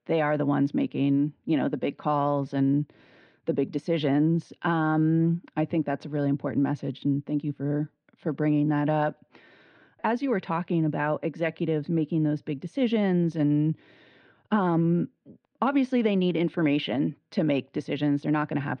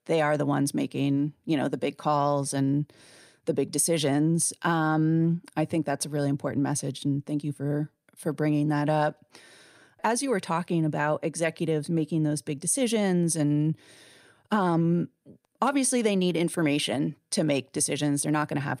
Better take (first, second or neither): second